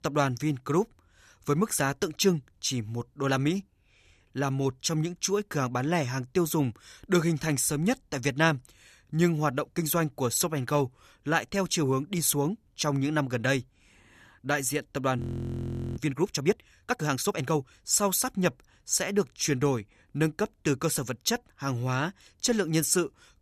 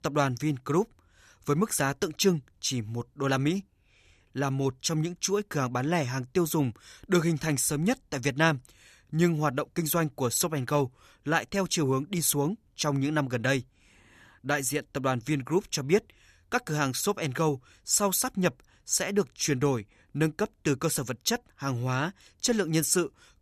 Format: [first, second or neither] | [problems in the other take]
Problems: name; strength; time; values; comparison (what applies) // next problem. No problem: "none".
second | audio freezing; at 15 s for 1 s